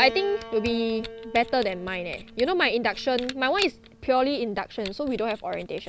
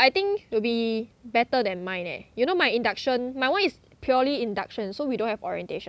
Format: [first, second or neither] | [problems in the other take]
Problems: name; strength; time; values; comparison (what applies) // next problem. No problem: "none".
second | background sound (Piano + Camera); 14 dB below the speech